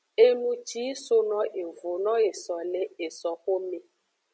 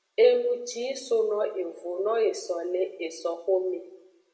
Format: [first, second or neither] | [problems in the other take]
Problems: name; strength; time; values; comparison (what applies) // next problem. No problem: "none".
first | room echo; dies away in 0.6 s